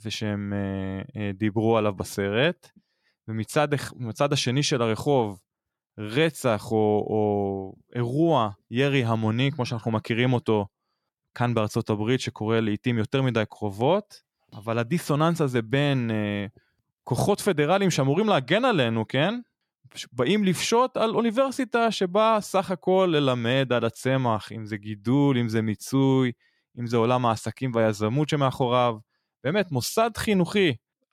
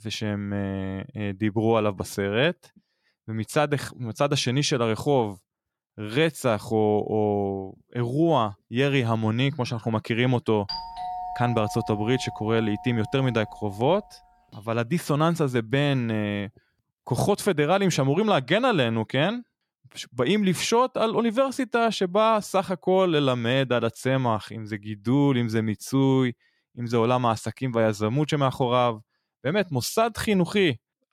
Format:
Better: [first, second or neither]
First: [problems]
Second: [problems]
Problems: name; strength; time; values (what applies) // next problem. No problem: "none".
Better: first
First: none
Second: doorbell; noticeable; from 11 to 14 s; peak 8 dB below the speech